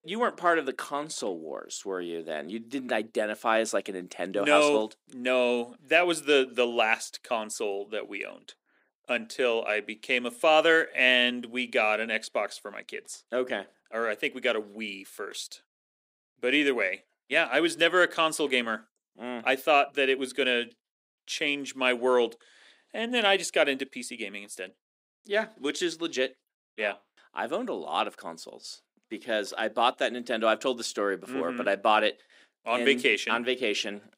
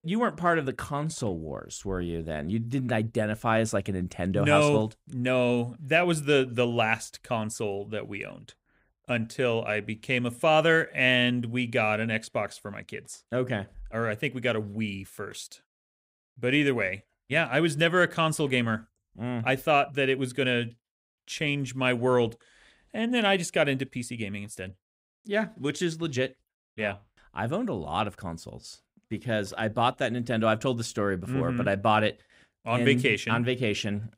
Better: second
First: thin; somewhat; fading below 300 Hz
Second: none

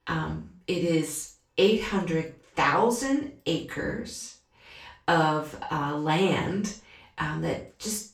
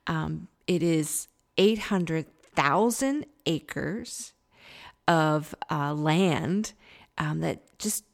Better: second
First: room echo; noticeable; dies away in 0.3 s // off-mic speech; far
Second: none

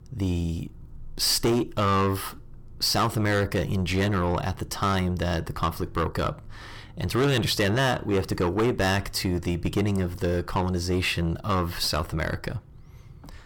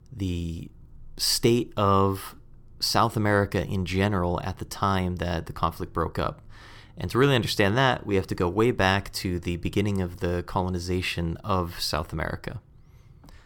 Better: second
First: distortion; heavy; 7 dB below the speech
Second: none

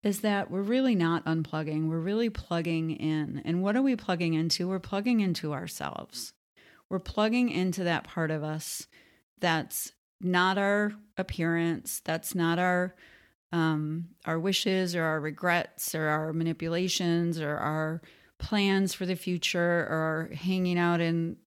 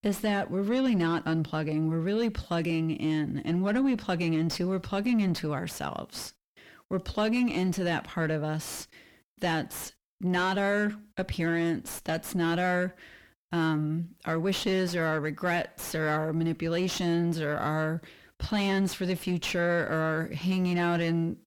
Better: first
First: none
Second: distortion; slight; 9 dB below the speech

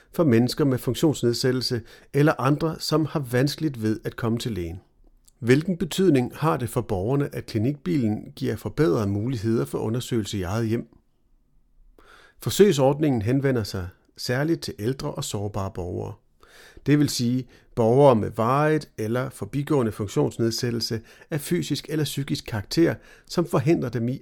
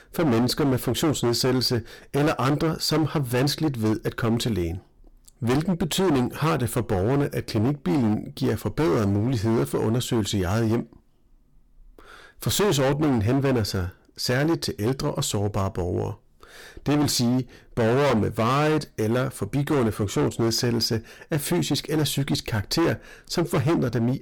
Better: first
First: none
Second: distortion; heavy; 18% of the sound clipped

